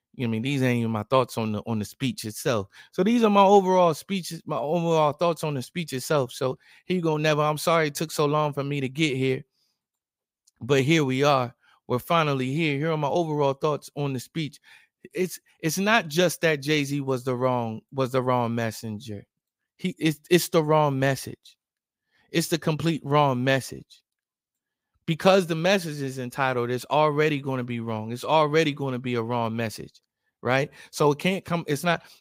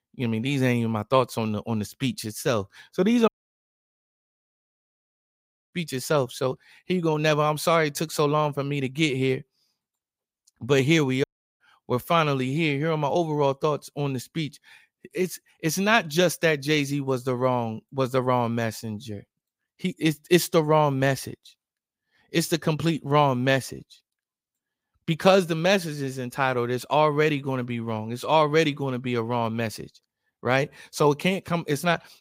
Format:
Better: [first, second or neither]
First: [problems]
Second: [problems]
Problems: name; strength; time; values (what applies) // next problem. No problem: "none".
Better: first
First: none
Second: audio cutting out; at 3.5 s for 2.5 s and at 11 s